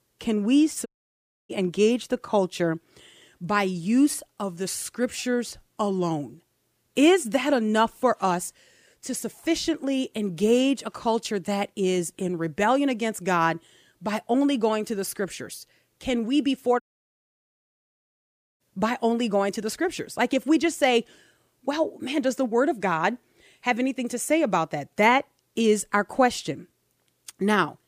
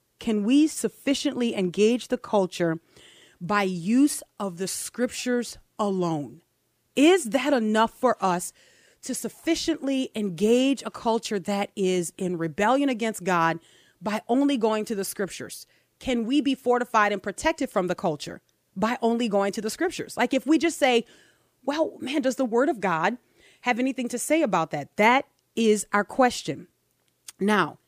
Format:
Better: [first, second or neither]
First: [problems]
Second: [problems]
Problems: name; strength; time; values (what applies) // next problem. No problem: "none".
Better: second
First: audio cutting out; at 1 s for 0.5 s and at 17 s for 2 s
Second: none